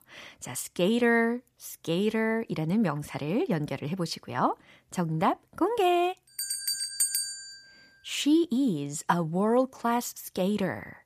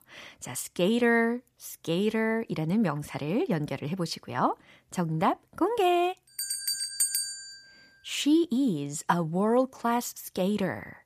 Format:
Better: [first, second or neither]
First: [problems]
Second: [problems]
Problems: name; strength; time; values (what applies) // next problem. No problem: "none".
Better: neither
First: none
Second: none